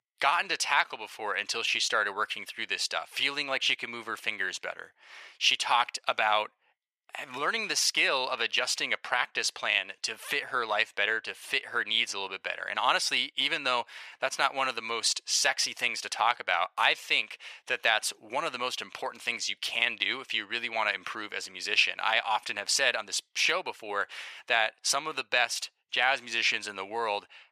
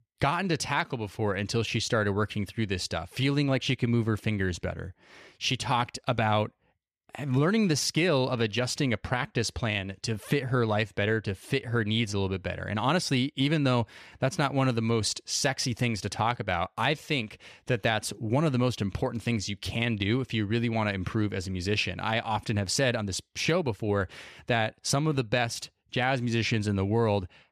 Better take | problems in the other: second | thin; very; fading below 950 Hz

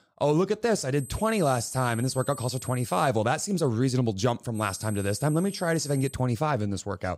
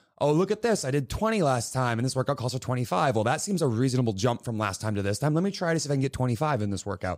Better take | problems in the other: second | high-pitched whine; noticeable; from 1 to 3 s and from 4.5 to 6 s; 8 kHz, 15 dB below the speech

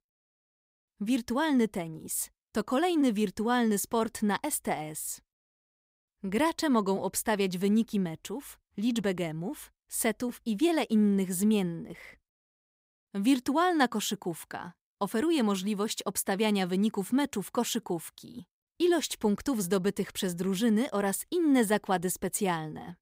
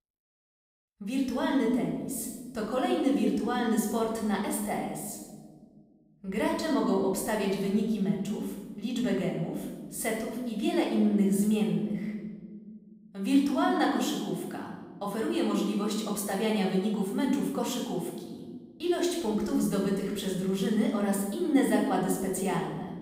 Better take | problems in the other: first | off-mic speech; somewhat distant // room echo; noticeable; dies away in 1.4 s

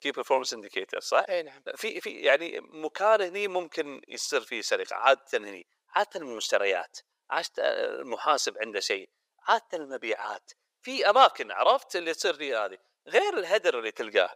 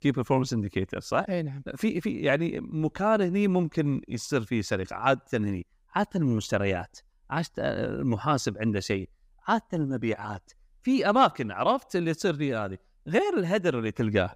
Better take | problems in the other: second | thin; very; fading below 500 Hz

